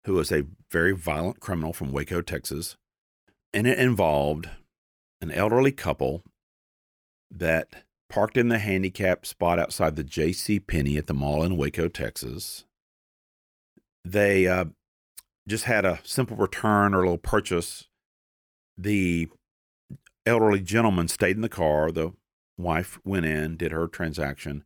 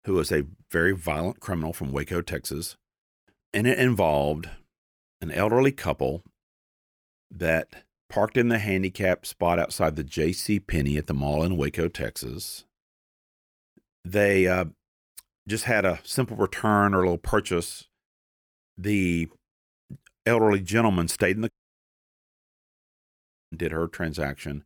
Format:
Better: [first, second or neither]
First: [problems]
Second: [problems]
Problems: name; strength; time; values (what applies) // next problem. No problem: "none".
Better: first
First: none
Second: audio cutting out; at 22 s for 2 s